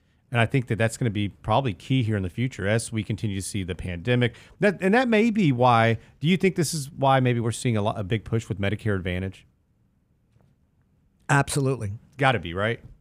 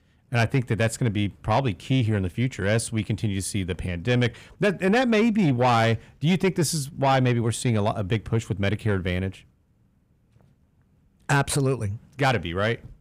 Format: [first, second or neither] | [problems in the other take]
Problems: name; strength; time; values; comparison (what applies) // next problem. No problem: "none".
first | distortion; slight; 10 dB below the speech